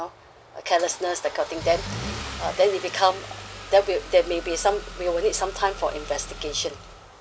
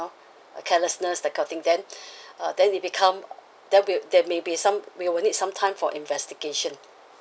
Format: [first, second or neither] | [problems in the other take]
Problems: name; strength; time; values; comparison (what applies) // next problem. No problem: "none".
second | background sound (Engine starting / Car); 12 dB below the speech